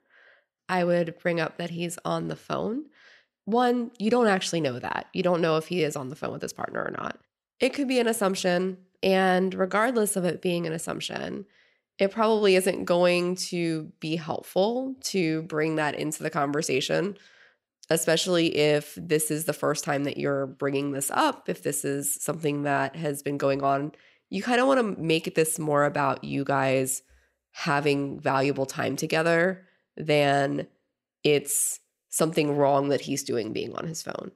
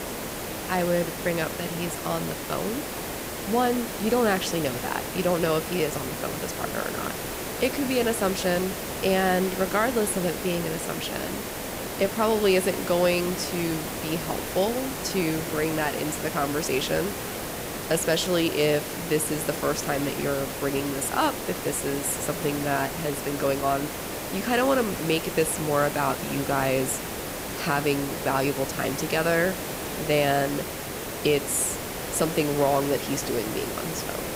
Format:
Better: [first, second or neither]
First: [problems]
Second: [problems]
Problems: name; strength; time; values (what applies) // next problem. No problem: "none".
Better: first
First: none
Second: hiss; loud; throughout; 5 dB below the speech